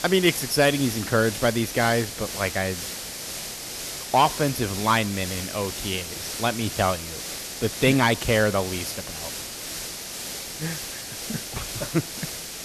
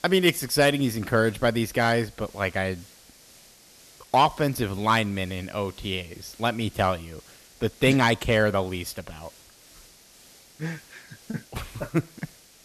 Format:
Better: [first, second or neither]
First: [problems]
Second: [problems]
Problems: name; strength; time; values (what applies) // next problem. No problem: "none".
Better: second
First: hiss; loud; throughout; 7 dB below the speech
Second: hiss; faint; throughout; 25 dB below the speech